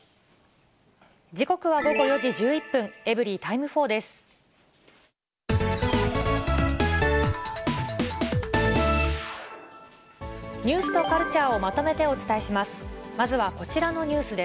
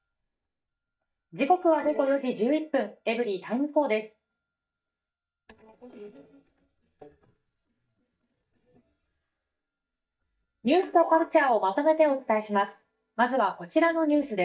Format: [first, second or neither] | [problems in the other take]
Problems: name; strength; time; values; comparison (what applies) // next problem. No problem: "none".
first | noise reduction (neural mask model DeepFilterNet 3)